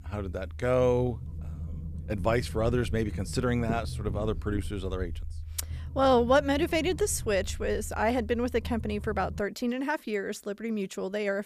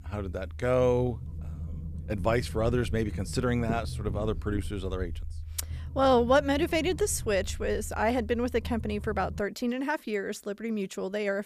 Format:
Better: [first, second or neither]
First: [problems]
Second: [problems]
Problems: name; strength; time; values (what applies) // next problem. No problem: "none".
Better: neither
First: low rumble; faint; until 9.5 s; 20 dB below the speech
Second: low rumble; faint; until 9.5 s; 20 dB below the speech